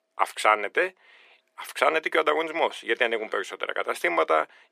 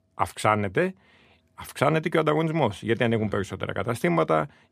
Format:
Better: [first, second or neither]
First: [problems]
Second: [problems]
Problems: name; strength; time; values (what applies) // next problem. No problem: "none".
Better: second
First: thin; very; fading below 400 Hz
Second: none